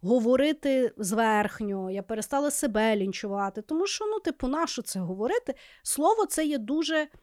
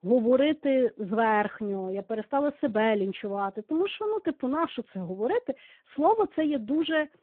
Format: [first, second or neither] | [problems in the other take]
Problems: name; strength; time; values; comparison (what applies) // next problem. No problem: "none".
first | phone-call audio; poor line